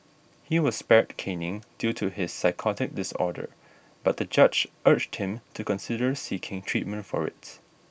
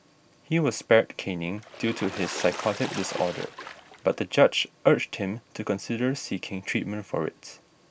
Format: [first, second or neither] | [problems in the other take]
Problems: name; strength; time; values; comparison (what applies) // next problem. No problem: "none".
first | background sound (Water / Splash, splatter); 11 dB below the speech